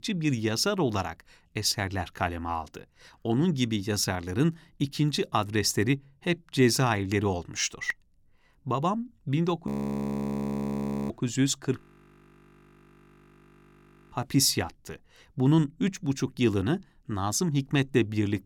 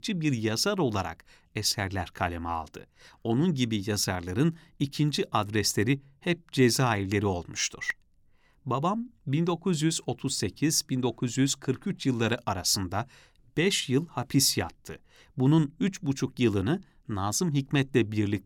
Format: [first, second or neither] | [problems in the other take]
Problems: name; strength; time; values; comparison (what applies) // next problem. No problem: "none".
second | audio freezing; at 9.5 s for 1.5 s and at 12 s for 2.5 s